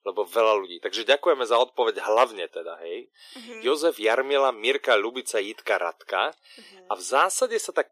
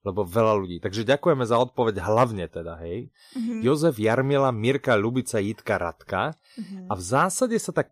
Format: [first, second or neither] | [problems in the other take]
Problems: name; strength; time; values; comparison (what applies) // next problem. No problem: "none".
second | thin; very; fading below 350 Hz